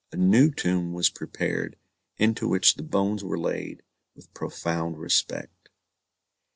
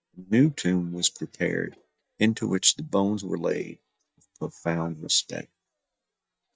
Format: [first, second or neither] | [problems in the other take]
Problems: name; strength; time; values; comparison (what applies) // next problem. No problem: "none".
first | noise reduction (neural mask model DeepFilterNet 3)